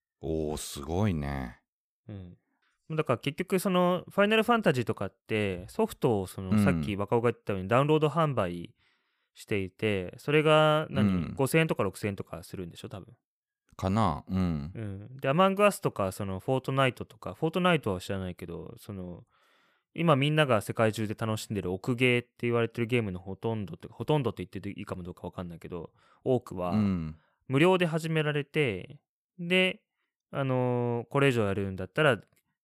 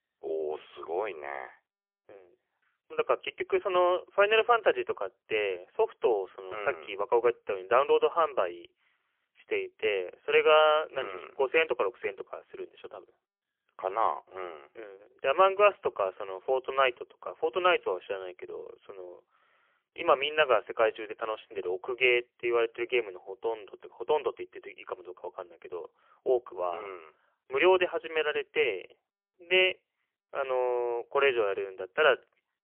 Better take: first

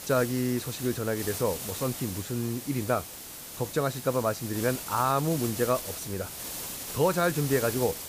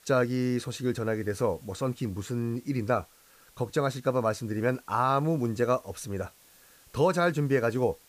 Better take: second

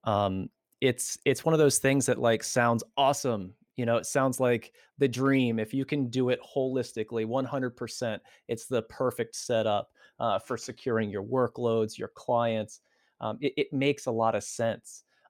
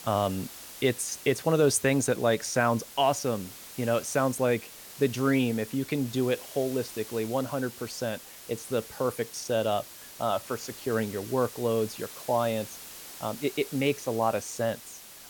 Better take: first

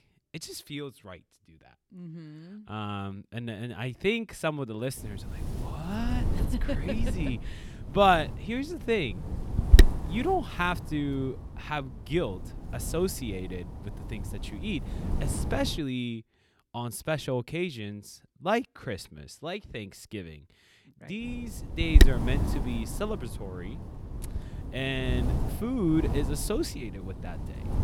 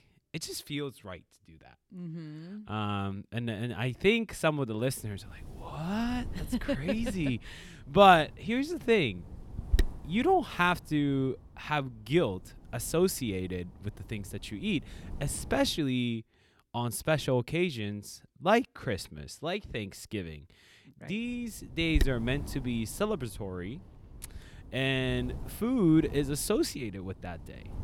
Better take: second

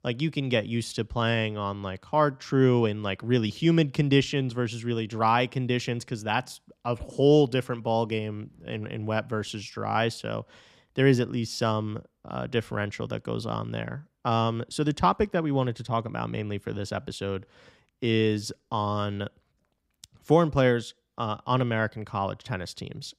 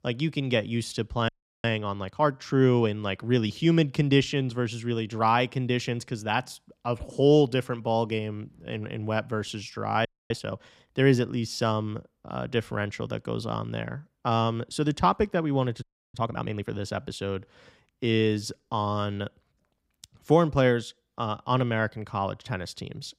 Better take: first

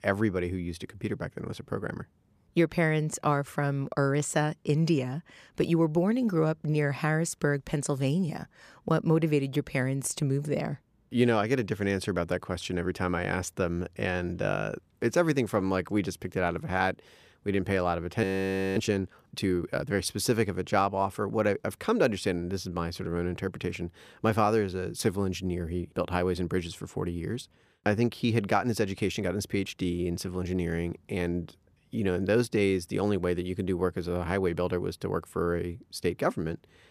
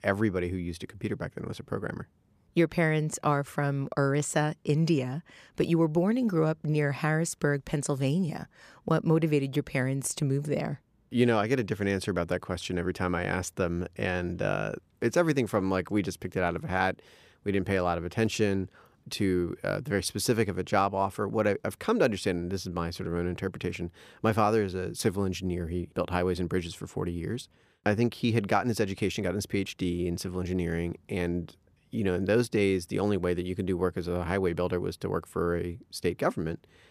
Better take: second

